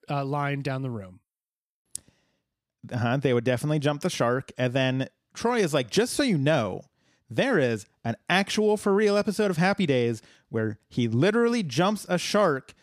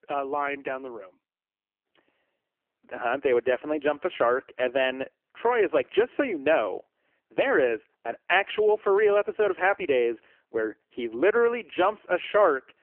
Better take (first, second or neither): first